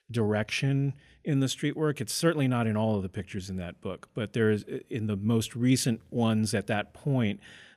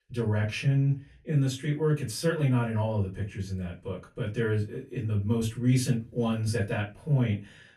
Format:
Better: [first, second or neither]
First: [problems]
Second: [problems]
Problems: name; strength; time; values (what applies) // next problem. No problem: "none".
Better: first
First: none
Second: off-mic speech; far // room echo; very slight; dies away in 0.2 s